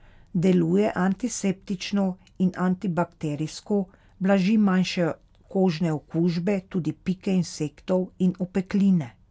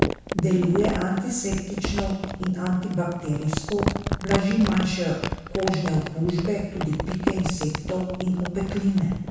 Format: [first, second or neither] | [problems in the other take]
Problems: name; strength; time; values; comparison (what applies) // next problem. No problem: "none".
first | background sound (Crumpling, crinkling); 5 dB below the speech // room echo; dies away in 1 s